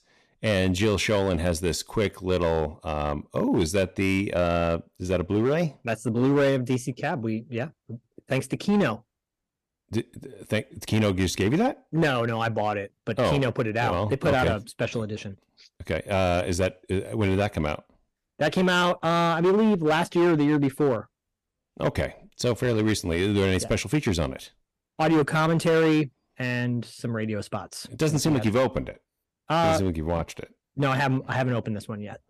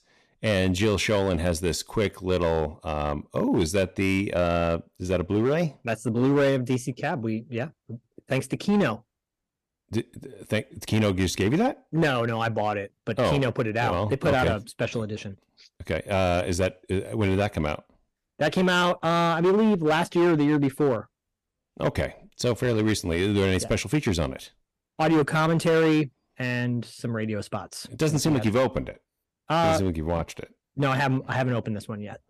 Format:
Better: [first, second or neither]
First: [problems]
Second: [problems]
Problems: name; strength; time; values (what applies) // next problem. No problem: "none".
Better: neither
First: distortion; slight; 7% of the sound clipped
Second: distortion; slight; 7% of the sound clipped